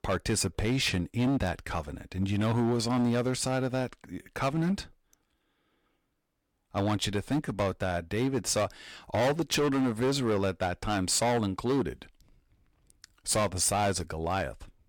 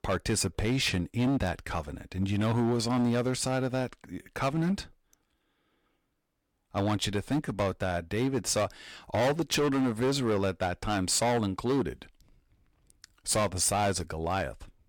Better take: neither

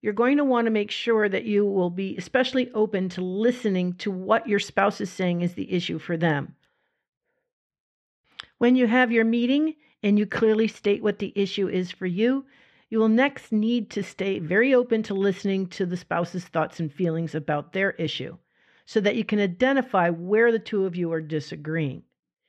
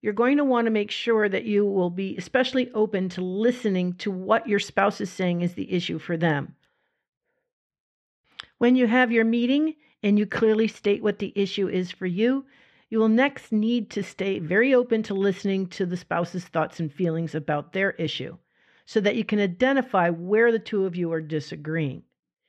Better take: neither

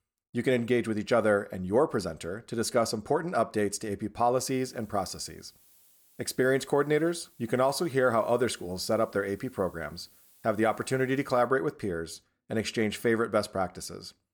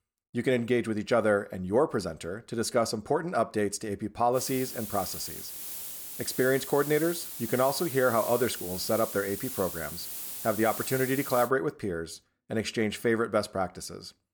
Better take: first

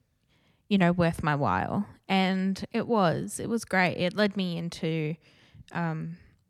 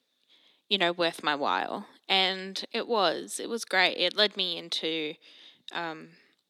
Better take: first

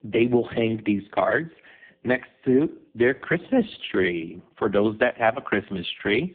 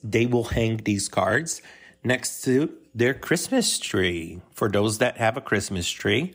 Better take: second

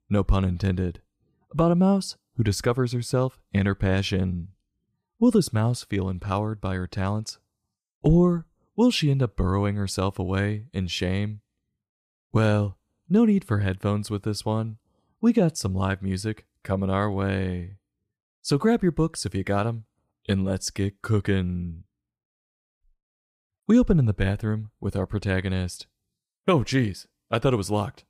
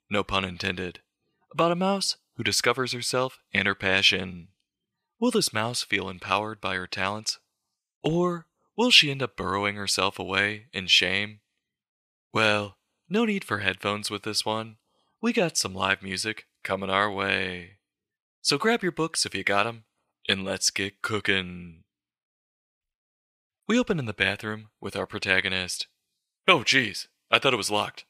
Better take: first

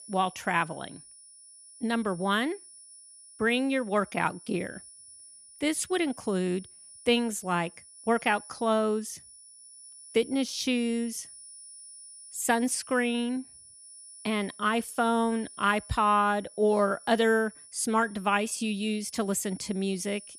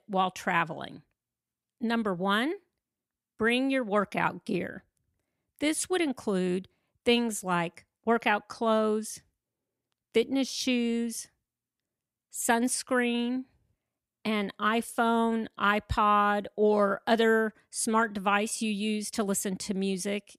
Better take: second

